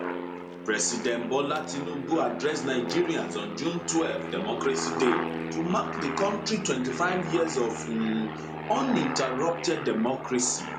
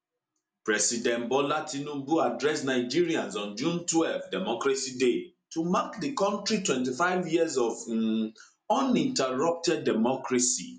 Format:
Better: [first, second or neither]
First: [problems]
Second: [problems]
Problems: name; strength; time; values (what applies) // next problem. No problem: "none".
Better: second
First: background sound (Aircraft); 5 dB below the speech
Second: none